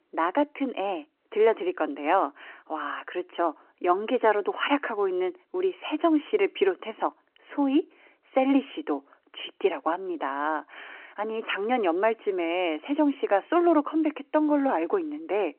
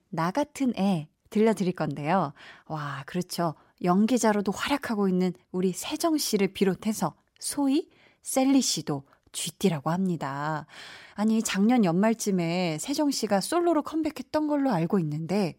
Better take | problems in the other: second | phone-call audio

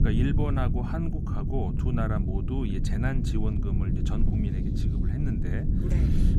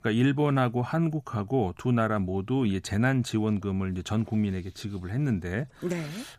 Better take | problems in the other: second | low rumble; loud; throughout; 2 dB below the speech

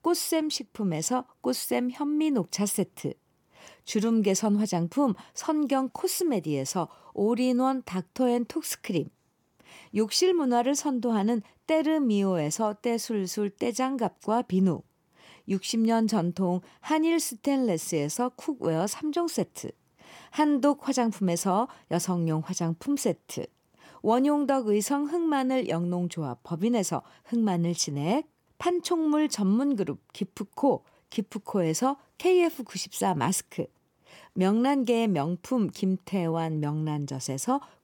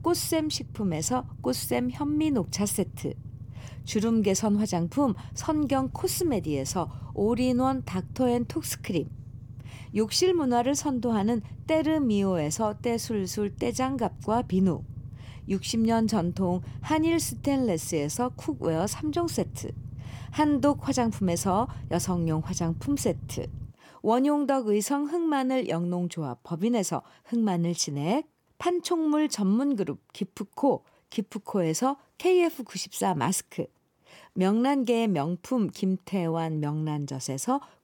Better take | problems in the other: first | low rumble; faint; until 24 s; 25 dB below the speech

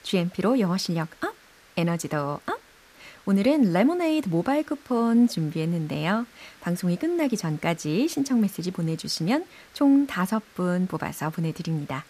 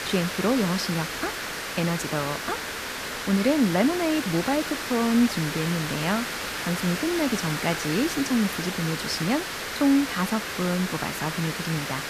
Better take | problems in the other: first | hiss; loud; throughout; 4 dB below the speech; faint in the first

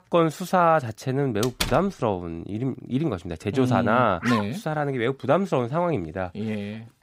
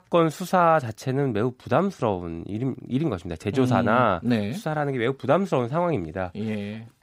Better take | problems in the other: second | door banging; noticeable; at 1.5 s; peak 4 dB below the speech // dog barking; noticeable; at 4 s; peak 5 dB below the speech

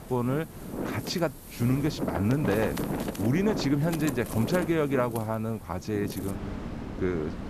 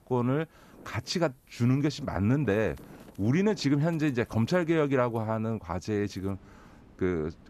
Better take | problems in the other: second | wind in the background; loud; throughout; 6 dB below the speech; faint in the second

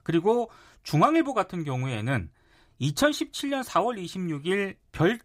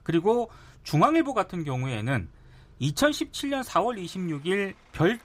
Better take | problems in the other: first | traffic noise; faint; throughout; 30 dB below the speech

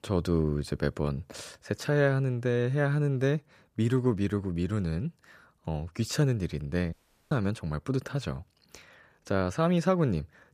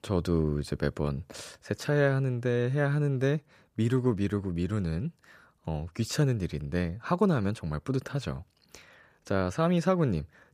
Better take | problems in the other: second | audio cutting out; at 7 s

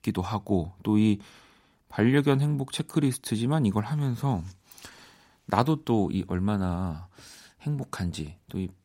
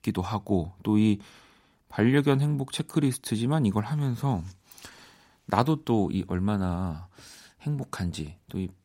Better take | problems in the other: neither | none

